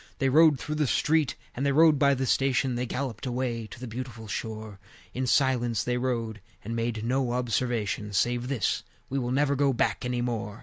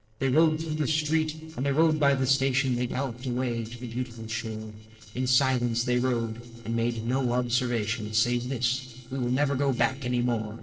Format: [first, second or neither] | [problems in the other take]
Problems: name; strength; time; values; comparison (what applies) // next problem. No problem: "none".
first | noise reduction (neural separator model SepFormer DNS4)